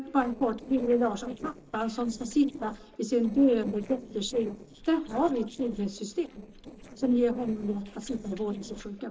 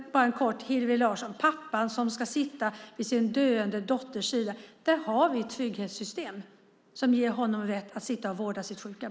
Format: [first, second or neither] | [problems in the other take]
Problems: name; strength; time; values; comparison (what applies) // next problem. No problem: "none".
second | noise reduction (neural separator model SepFormer DNS4)